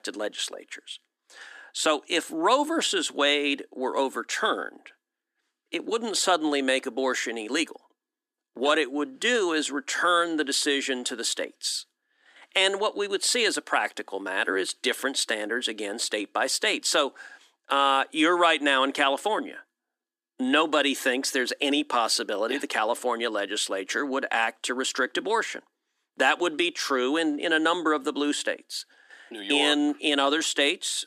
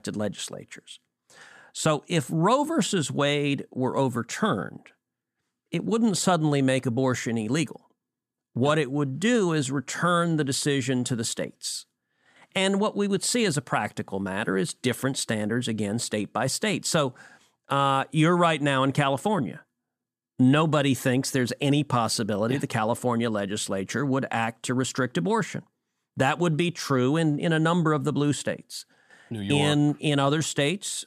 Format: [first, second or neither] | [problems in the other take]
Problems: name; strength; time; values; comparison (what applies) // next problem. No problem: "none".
second | thin; somewhat; fading below 300 Hz